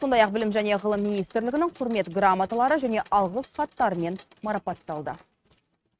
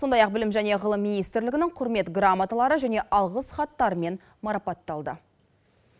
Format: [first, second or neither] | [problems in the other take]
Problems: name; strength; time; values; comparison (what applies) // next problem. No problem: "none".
second | noise reduction (neural mask model RNNoise)